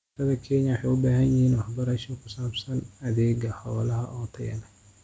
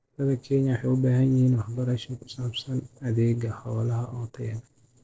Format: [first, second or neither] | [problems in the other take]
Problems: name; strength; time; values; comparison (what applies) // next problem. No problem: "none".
first | noise reduction (neural separator model SepFormer DNS4)